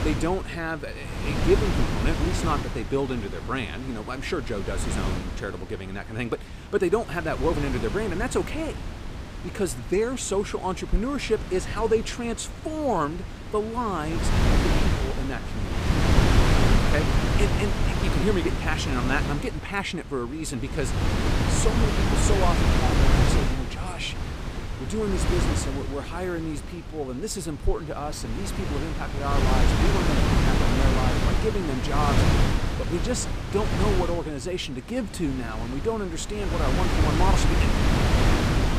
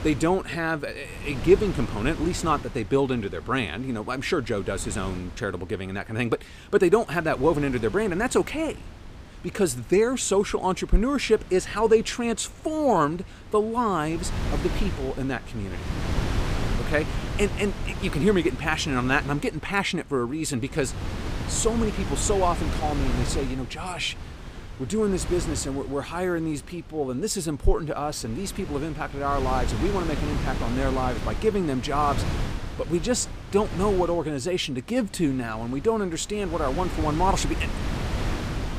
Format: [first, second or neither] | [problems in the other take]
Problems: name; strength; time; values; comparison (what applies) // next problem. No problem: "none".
second | wind noise on the microphone; heavy; as loud as the speech; occasional gusts in the second